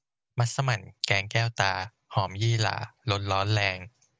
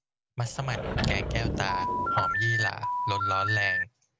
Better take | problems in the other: first | background sound (Telephone + Sliding door / Wood); 4 dB above the speech

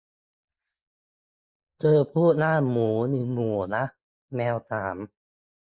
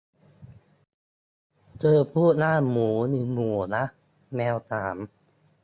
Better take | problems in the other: second | noise reduction (neural mask model Resemble Enhance denoiser)

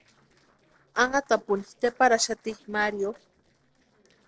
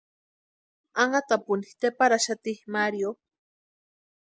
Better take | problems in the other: second | noise reduction (neural separator model SepFormer DNS4)

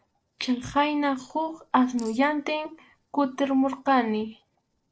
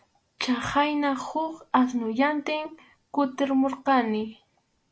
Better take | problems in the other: second | noise reduction (neural separator model SepFormer DNS4)

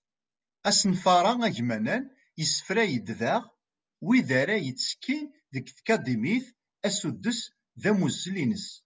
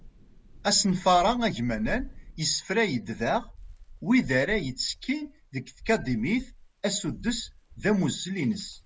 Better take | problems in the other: first | background sound (Thunder / Rain); 16 dB below the speech

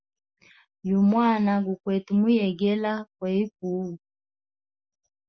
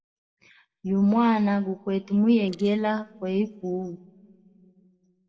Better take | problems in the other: first | noise reduction (neural separator model SepFormer DNS4)

